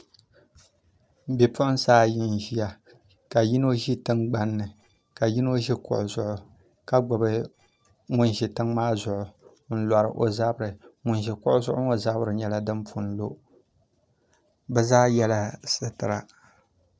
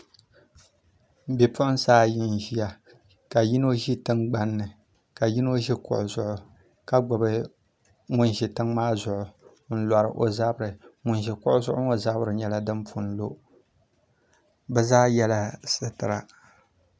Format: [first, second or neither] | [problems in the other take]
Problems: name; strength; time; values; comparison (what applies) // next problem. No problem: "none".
second | noise reduction (neural separator model SepFormer DNS4)